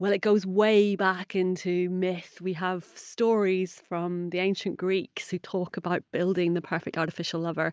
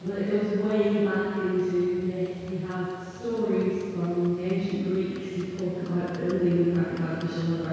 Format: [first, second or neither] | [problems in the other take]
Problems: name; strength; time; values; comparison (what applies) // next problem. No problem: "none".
first | background sound (Livestock, farm animals, working animals); 19 dB below the speech // room echo; dies away in 2 s